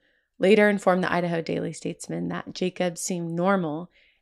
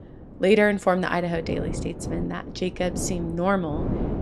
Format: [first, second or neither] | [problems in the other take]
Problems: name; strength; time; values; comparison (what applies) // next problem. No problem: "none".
first | wind noise on the microphone; occasional gusts; 15 dB below the speech